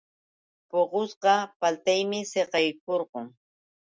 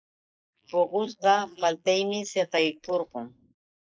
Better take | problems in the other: first | noise reduction (neural mask model Resemble Enhance denoiser)

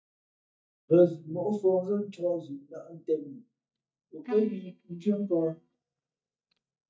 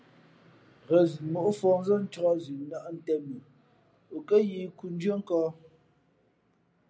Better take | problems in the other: second | noise reduction (neural mask model DeepFilterNet 3)

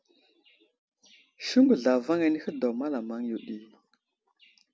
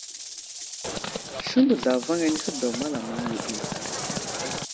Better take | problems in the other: first | background sound (Livestock, farm animals, working animals + Rattle / Rattle (instrument)); 5 dB below the speech

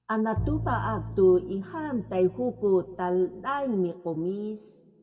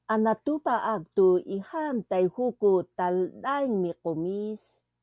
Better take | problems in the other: second | background sound (Bowed string instrument); 9 dB below the speech // room echo; dies away in 1.2 s

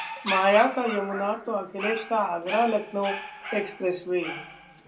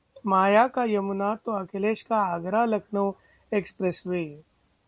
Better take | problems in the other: second | background sound (Dog); 10 dB below the speech // room echo; dies away in 0.2 s

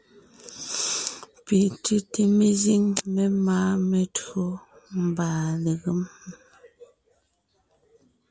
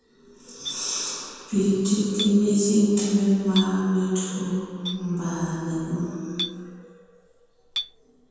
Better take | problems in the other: first | background sound (Chink, clink); 14 dB below the speech // room echo; dies away in 2.1 s

